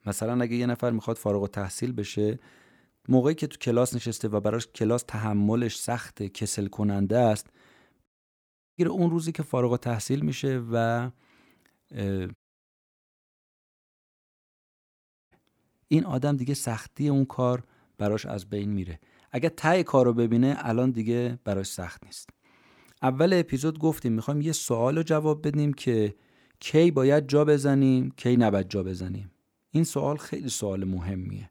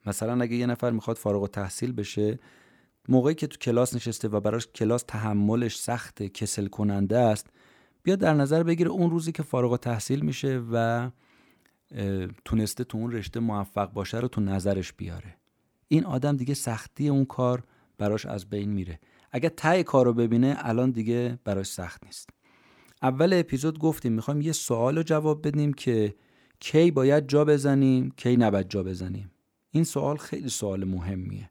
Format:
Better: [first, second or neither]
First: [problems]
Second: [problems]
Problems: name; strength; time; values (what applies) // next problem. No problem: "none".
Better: second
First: audio cutting out; at 8 s for 0.5 s and at 12 s for 3 s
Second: none